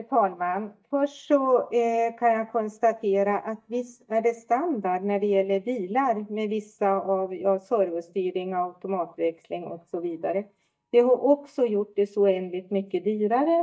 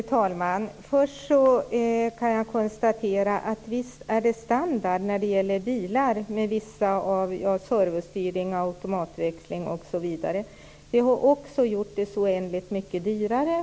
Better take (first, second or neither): second